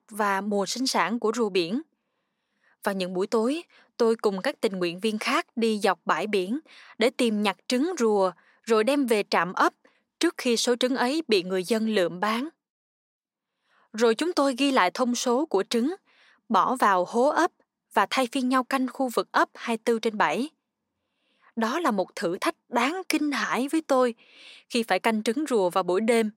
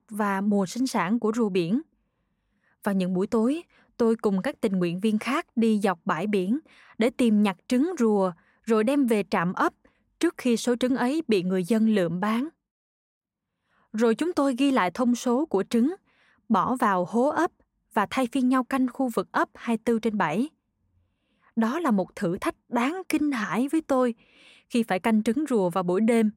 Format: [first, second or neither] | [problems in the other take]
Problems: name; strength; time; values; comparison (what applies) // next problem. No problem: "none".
second | thin; very slightly; fading below 350 Hz